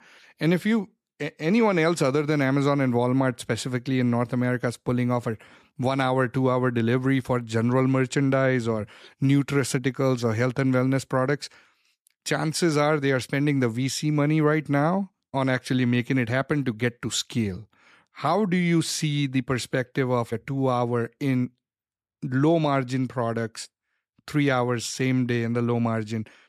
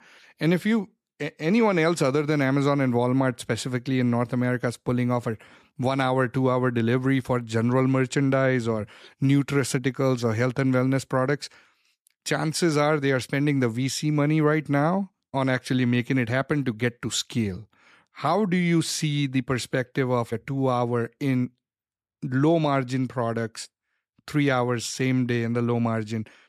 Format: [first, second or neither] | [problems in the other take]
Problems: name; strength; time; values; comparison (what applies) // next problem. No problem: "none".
neither | none